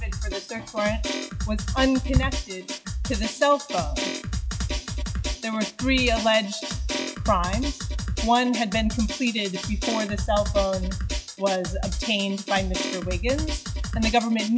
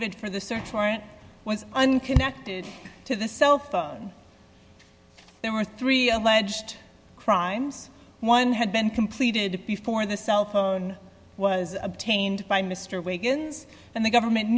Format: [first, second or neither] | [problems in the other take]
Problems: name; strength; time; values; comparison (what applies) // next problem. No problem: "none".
second | noise reduction (classical method log-MMSE)